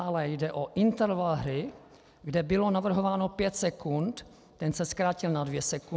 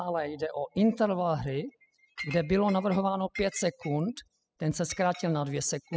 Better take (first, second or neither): first